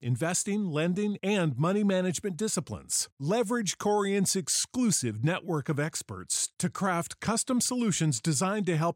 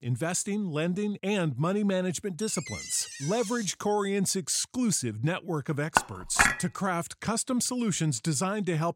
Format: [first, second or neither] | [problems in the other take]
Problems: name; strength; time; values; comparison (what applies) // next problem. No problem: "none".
first | door banging; noticeable; from 2.5 to 3.5 s; peak 8 dB below the speech // clattering dishes; loud; at 6 s; peak 5 dB above the speech